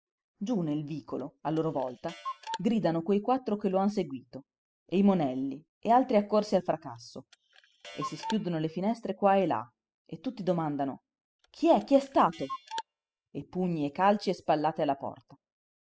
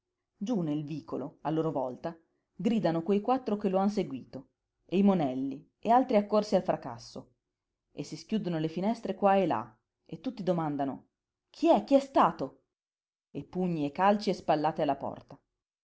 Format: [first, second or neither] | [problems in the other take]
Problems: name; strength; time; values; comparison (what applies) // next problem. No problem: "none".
second | noise reduction (classical method spectral subtraction)